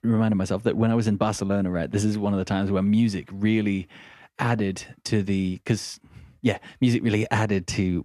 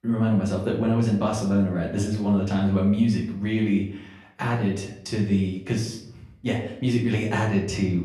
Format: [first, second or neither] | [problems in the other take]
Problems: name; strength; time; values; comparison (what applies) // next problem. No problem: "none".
first | room echo; slight; dies away in 0.5 s // off-mic speech; far